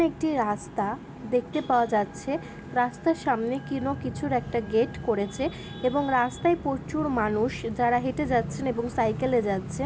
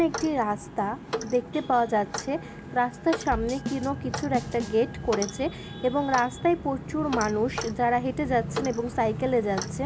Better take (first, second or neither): first